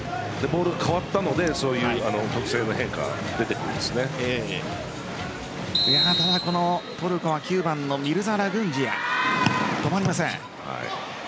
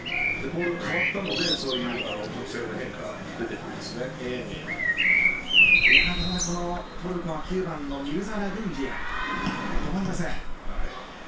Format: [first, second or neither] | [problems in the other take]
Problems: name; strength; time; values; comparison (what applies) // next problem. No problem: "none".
first | background sound (Bird vocalization, bird call, bird song); 4 dB above the speech // room echo; dies away in 0.3 s